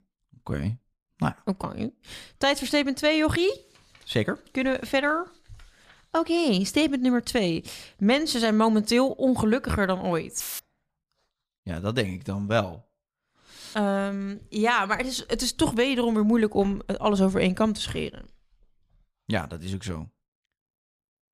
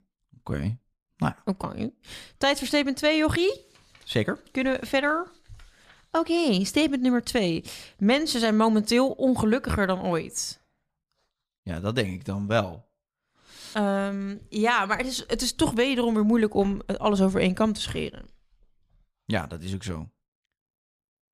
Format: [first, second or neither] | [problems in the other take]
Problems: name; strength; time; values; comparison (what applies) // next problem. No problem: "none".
second | audio cutting out; filled with static; at 10 s